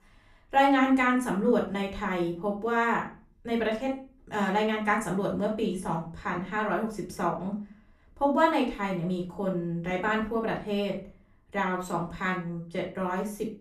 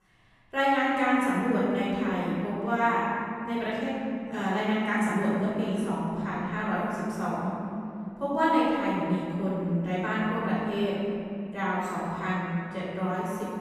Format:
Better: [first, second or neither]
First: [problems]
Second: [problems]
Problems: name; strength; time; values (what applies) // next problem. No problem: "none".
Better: first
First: room echo; slight; dies away in 0.3 s // off-mic speech; far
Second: room echo; strong; dies away in 2.5 s // off-mic speech; far